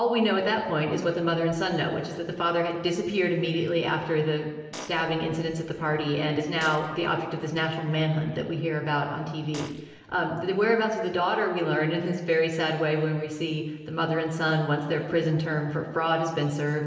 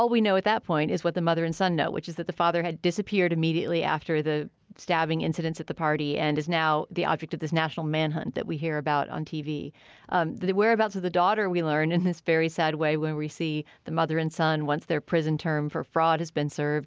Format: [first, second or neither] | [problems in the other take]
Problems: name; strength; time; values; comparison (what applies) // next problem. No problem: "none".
second | background sound (Fart); 14 dB below the speech // room echo; dies away in 1.3 s